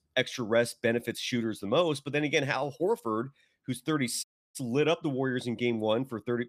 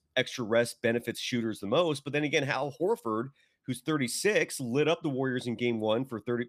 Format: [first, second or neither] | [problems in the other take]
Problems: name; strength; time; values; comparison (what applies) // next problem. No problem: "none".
second | audio cutting out; at 4 s